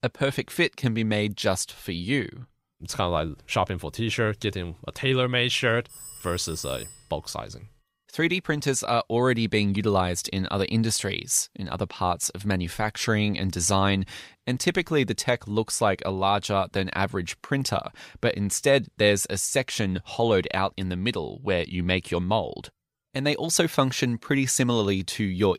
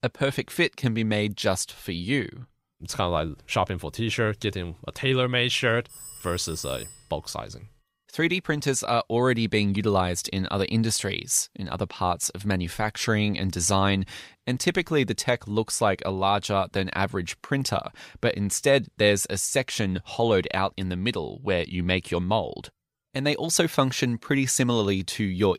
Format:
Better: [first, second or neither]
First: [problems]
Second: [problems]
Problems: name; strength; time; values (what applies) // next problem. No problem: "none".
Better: neither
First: phone ringing; faint; from 6 to 7 s; peak 15 dB below the speech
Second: phone ringing; faint; from 6 to 7 s; peak 15 dB below the speech